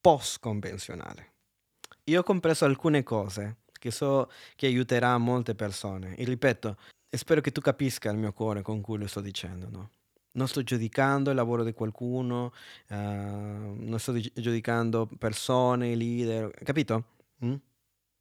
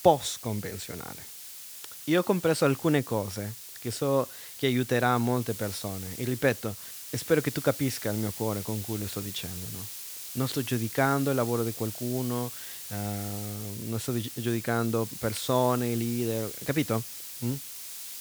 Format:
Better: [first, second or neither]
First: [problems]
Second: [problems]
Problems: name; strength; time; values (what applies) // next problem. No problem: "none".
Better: first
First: none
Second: hiss; loud; throughout; 8 dB below the speech